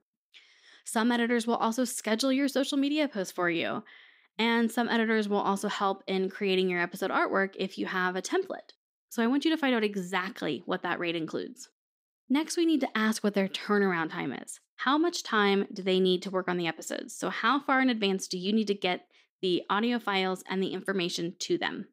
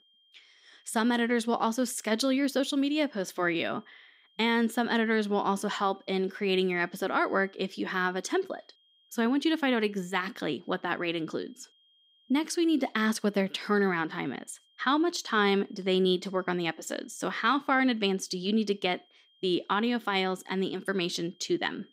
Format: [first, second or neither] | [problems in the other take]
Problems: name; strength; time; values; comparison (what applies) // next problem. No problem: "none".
first | high-pitched whine; faint; throughout; 3 kHz, 35 dB below the speech